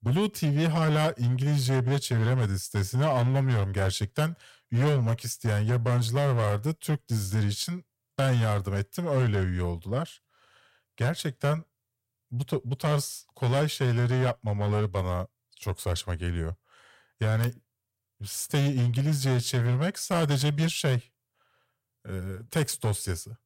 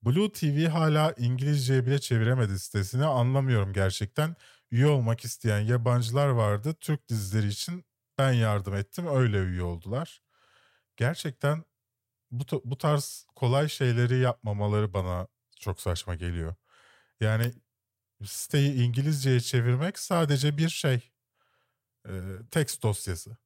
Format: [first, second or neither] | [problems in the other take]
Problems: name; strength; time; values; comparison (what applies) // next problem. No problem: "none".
second | distortion; slight; 11% of the sound clipped